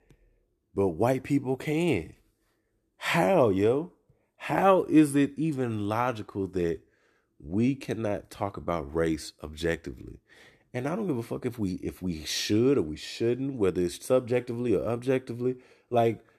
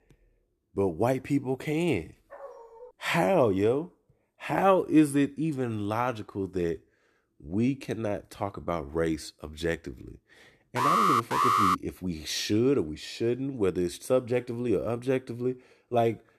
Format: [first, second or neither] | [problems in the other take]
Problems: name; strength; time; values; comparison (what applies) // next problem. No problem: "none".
first | dog barking; faint; at 2.5 s; peak 15 dB below the speech // alarm; loud; at 11 s; peak 6 dB above the speech